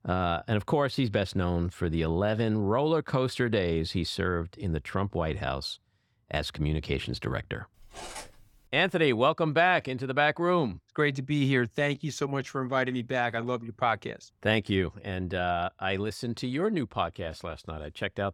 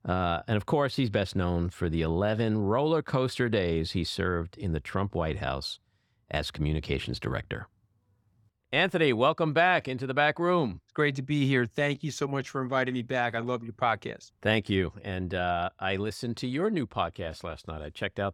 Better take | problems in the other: second | clattering dishes; faint; at 8 s; peak 10 dB below the speech

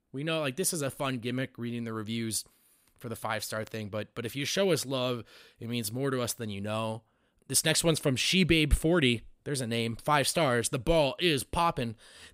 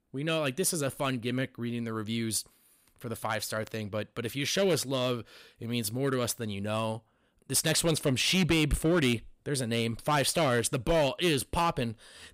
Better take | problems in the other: first | distortion; slight; 4% of the sound clipped

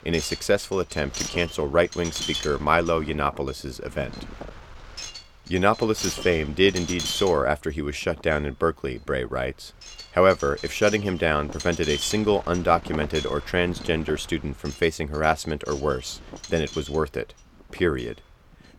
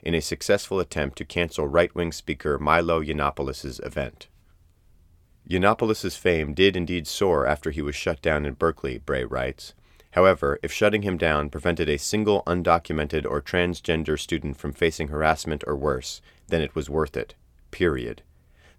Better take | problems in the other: second | wind noise on the microphone; occasional gusts; 10 dB below the speech

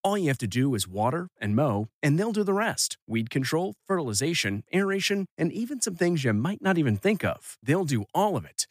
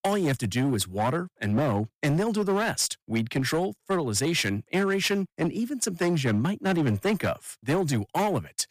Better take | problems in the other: first | distortion; slight; 12% of the sound clipped

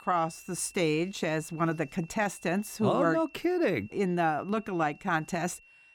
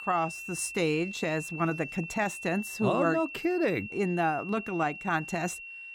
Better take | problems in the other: first | high-pitched whine; loud; throughout; 2.5 kHz, 9 dB below the speech; faint in the first

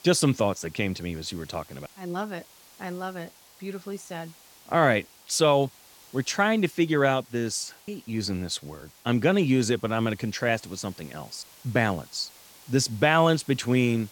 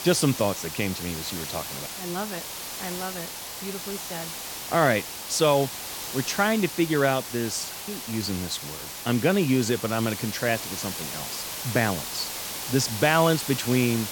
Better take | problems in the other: first | hiss; loud; throughout; 6 dB below the speech; faint in the first

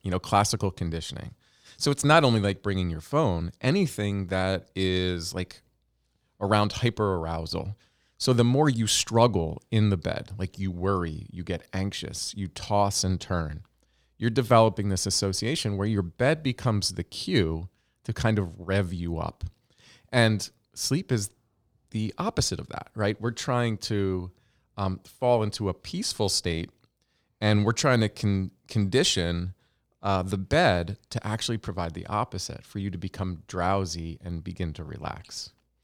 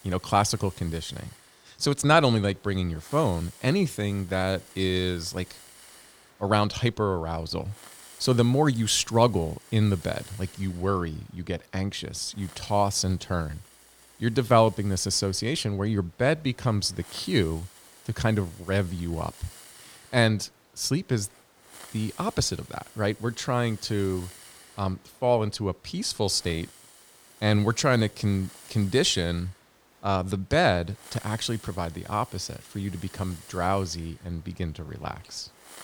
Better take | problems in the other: first | hiss; faint; throughout; 20 dB below the speech

